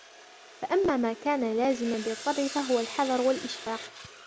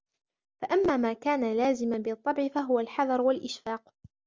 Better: second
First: background sound (Sawing); 13 dB below the speech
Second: none

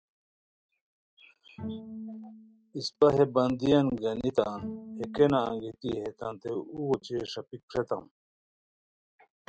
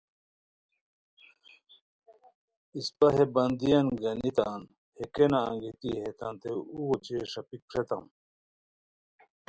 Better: second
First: noise reduction (neural mask model RNNoise)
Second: none

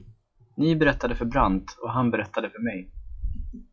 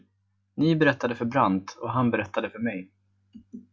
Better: second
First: noise reduction (classical method log-MMSE)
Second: none

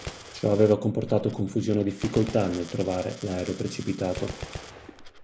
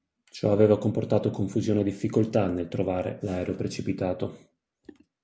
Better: second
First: background sound (Gunshot, gunfire + Coin (dropping)); 15 dB below the speech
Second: none

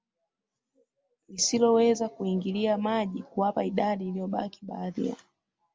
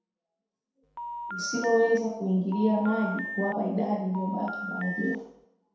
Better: first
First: none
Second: background sound (Telephone); 8 dB below the speech // room echo; dies away in 0.7 s

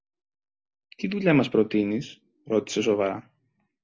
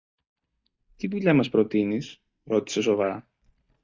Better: first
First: none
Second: noise reduction (neural mask model DeepFilterNet 3)

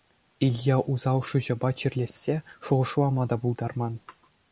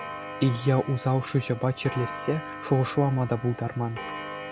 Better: first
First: none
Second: background sound (Clock); 12 dB below the speech

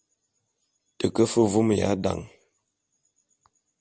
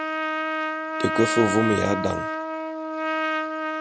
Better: first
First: none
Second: background sound (Trumpet); as loud as the speech

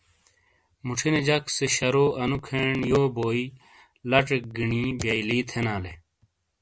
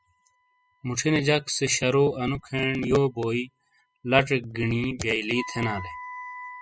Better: first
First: none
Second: noise reduction (classical method spectral subtraction)

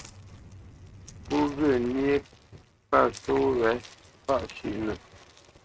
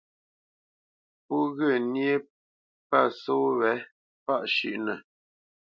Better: second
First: noise reduction (neural mask model RNNoise)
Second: none

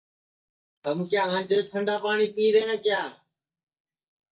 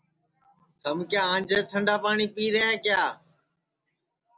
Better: second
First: noise reduction (neural mask model DeepFilterNet 3)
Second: none

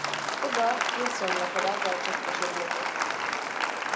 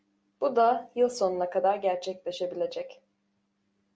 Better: second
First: background sound (Applause); 4 dB above the speech // room echo; dies away in 0.3 s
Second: none

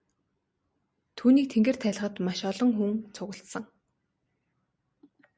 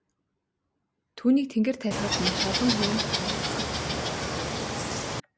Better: first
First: none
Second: background sound (Water / Bird); 2 dB above the speech

